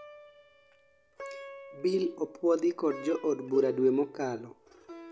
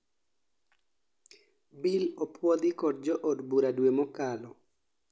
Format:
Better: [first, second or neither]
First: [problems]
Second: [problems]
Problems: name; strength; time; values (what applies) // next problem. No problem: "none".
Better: second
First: background sound (Plucked string instrument); 15 dB below the speech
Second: none